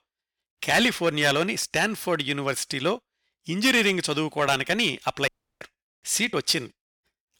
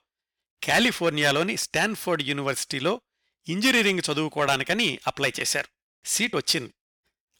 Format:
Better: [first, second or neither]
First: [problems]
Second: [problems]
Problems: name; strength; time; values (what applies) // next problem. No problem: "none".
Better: second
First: audio cutting out; at 5.5 s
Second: none